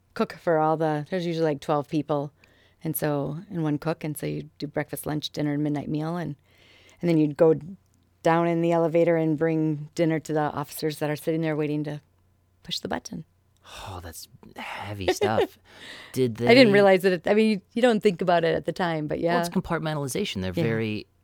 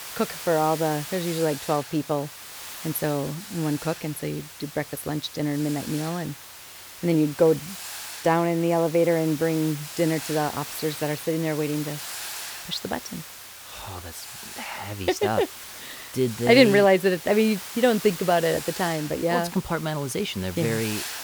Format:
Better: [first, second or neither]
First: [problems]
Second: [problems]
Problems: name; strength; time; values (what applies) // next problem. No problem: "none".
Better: first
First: none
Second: hiss; noticeable; throughout; 10 dB below the speech